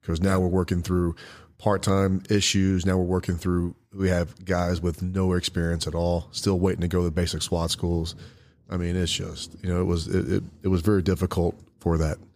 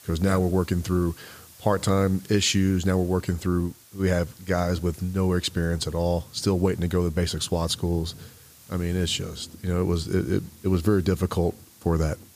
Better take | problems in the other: first | hiss; faint; throughout; 25 dB below the speech

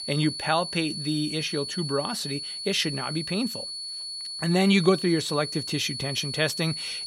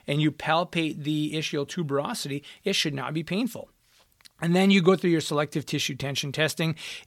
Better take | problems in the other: second | high-pitched whine; loud; throughout; 4.5 kHz, 5 dB below the speech

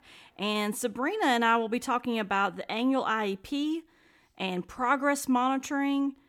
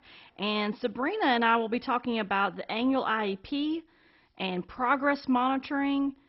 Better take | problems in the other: first | garbled, watery; badly; nothing above 5.5 kHz

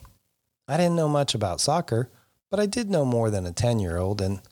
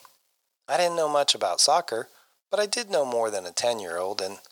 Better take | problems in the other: first | thin; very; fading below 700 Hz

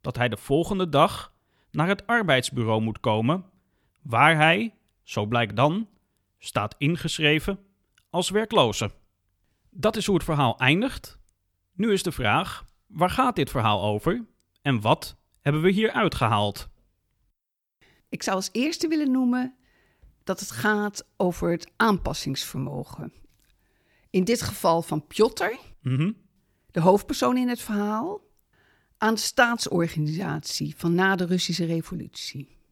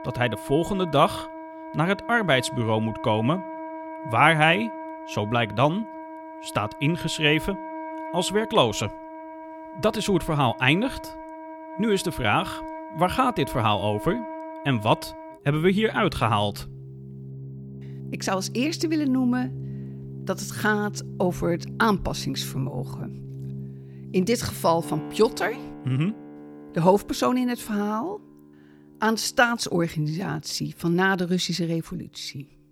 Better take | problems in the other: first | background music; noticeable; throughout; 15 dB below the speech

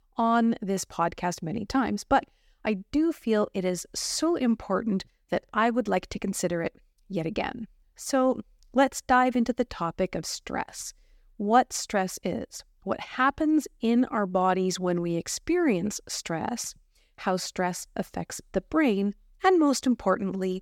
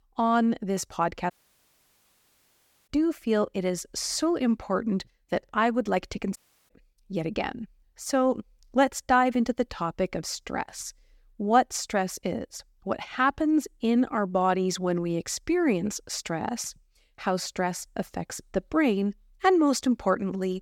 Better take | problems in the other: first | audio cutting out; at 1.5 s for 1.5 s and at 6.5 s

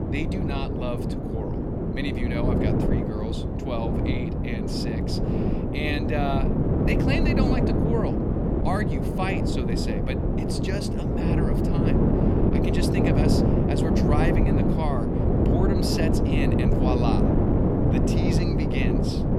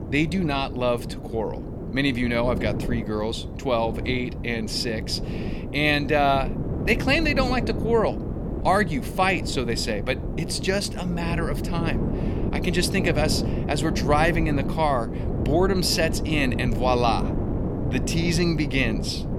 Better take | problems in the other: second | wind noise on the microphone; heavy; 3 dB above the speech; occasional gusts in the second

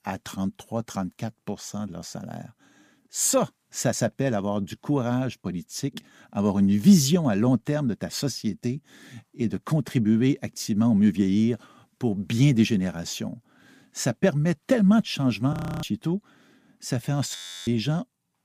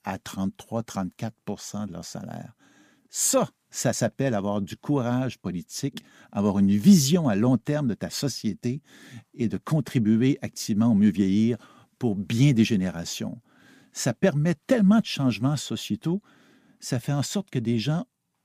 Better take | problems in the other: second | audio freezing; at 16 s and at 17 s

